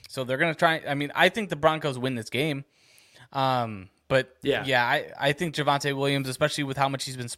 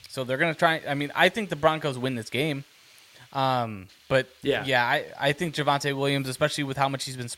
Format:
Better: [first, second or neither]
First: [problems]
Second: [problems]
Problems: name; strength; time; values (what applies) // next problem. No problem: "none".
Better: first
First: none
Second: hiss; faint; throughout; 30 dB below the speech